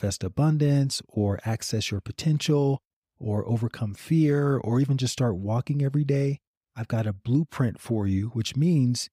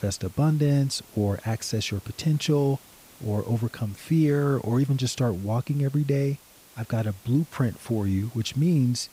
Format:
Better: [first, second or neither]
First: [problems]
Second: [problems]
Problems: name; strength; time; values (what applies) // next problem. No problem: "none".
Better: first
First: none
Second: hiss; faint; throughout; 25 dB below the speech